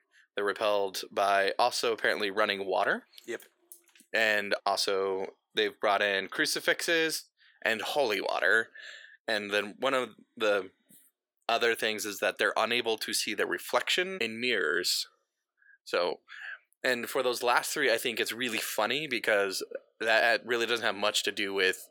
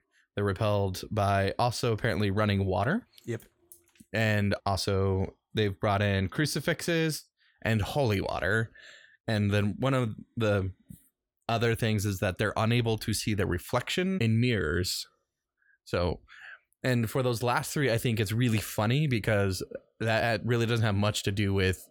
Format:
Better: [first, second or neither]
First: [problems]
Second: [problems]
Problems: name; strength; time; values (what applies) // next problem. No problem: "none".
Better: second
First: thin; very; fading below 350 Hz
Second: none